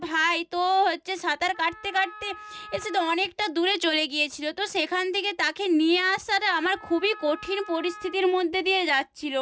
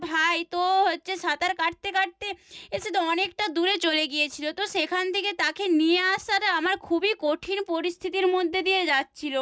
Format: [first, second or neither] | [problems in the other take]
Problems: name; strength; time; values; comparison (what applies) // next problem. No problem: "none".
second | background sound (Wind instrument, woodwind instrument); 18 dB below the speech